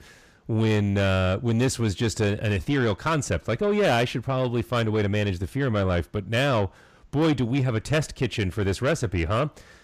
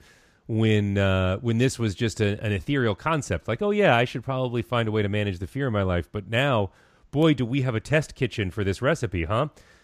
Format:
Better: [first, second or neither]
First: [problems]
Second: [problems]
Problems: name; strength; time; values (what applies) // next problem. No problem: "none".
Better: second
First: distortion; slight; 10 dB below the speech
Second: none